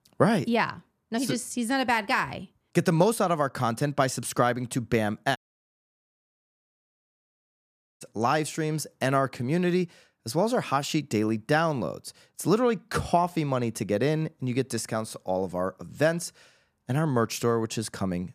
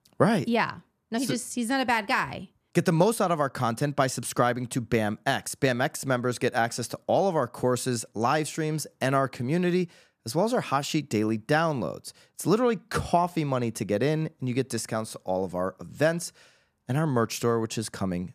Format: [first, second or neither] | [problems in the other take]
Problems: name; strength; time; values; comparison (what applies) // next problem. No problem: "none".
second | audio cutting out; at 5.5 s for 2.5 s